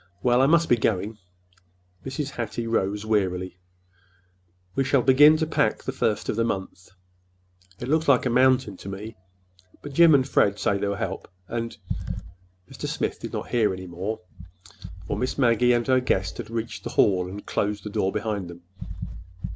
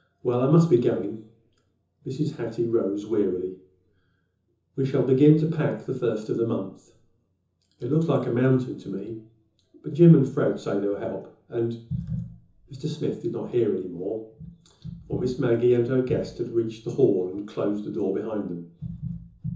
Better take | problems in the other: first | room echo; dies away in 0.6 s

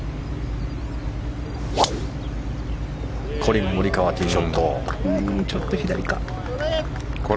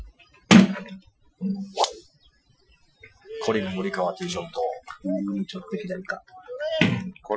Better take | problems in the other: first | noise reduction (classical method Wiener filter)

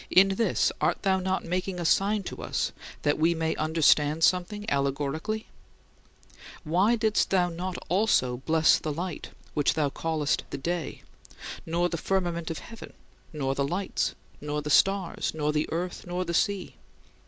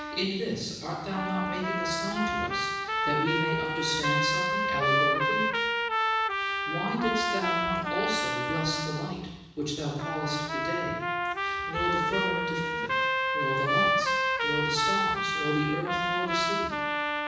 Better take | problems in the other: first | background sound (Trumpet); 4 dB above the speech // room echo; dies away in 1.1 s

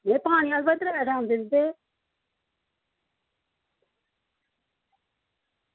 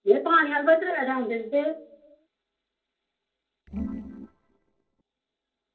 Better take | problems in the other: first | noise reduction (neural separator model SepFormer DNS4)

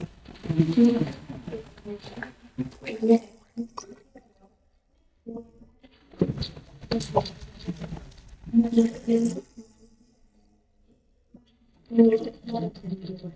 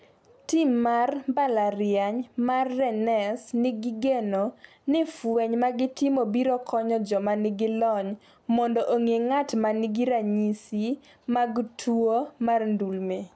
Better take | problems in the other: second | noise reduction (neural mask model DeepFilterNet 3)

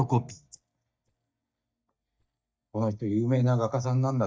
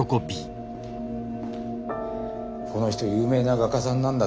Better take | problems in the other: second | noise reduction (neural mask model DeepFilterNet 3)

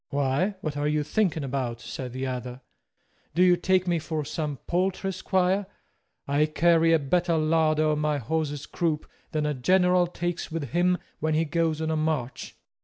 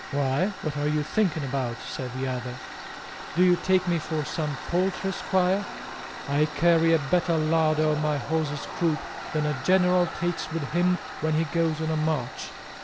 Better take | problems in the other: first | background sound (Tools); 11 dB below the speech

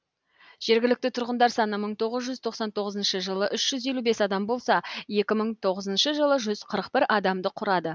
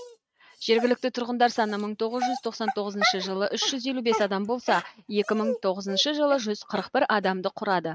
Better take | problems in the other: first | noise reduction (neural mask model RNNoise)

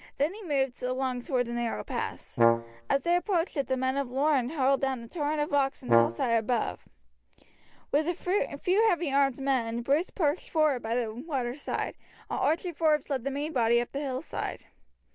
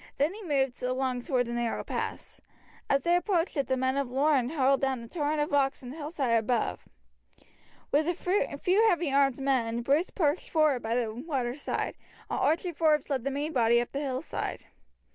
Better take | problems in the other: second | background sound (Brass instrument); as loud as the speech

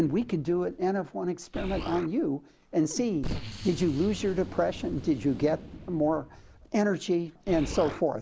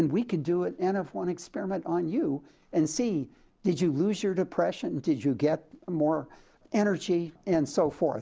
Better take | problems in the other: second | background sound (Explosion); 12 dB below the speech

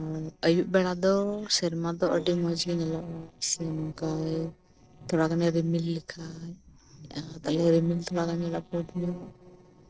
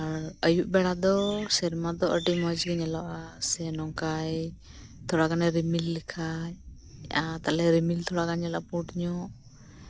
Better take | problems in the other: second | noise reduction (neural separator model SepFormer DNS4)

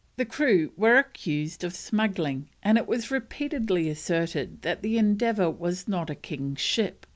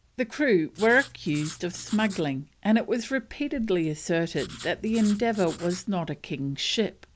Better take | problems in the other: first | background sound (Writing); 17 dB below the speech

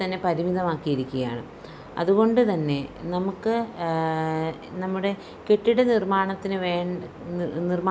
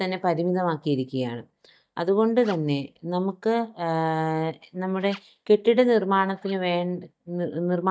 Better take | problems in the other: first | noise reduction (neural mask model DeepFilterNet 3)

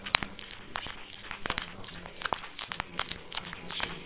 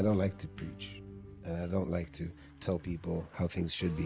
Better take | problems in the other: second | noise reduction (neural separator model SepFormer WHAMR!)

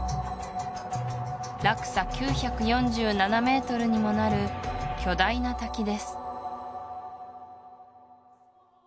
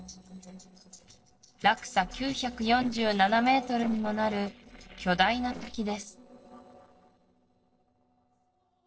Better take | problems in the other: first | noise reduction (neural separator model SepFormer DNS4)

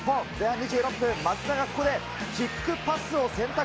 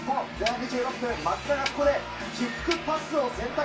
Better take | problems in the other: first | background sound (Snare drum); 12 dB below the speech // room echo; dies away in 0.3 s

